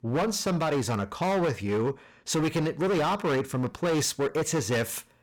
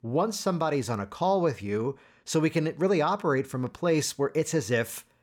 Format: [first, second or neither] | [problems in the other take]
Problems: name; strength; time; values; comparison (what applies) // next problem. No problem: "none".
second | distortion; heavy; 22% of the sound clipped